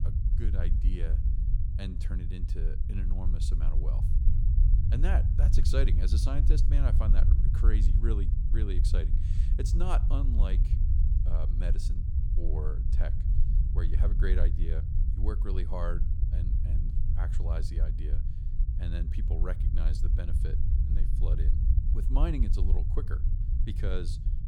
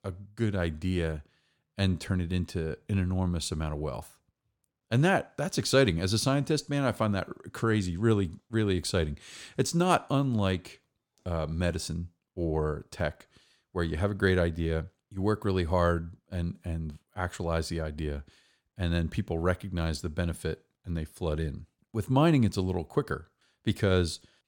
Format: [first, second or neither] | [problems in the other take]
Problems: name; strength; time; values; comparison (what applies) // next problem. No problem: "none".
second | low rumble; loud; throughout; 5 dB below the speech